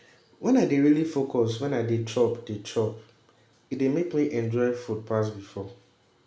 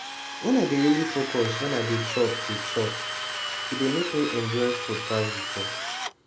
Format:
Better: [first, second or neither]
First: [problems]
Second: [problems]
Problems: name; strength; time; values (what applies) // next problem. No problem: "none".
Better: first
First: none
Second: background sound (Drill); 5 dB below the speech